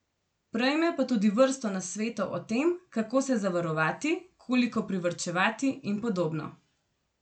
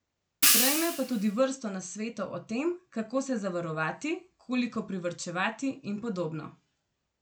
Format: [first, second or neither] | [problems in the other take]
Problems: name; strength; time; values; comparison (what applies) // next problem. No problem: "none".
first | background sound (Hi-hat); 4 dB above the speech